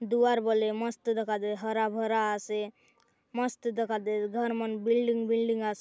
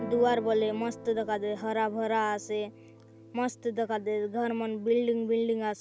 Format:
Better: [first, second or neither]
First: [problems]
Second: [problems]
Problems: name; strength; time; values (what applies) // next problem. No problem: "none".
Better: first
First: none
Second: background sound (Guitar); 16 dB below the speech